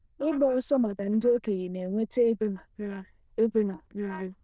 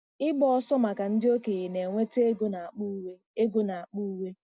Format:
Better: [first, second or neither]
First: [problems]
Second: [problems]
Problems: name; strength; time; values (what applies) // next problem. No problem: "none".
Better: second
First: noise reduction (neural diffusion model UNIVERSE++)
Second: none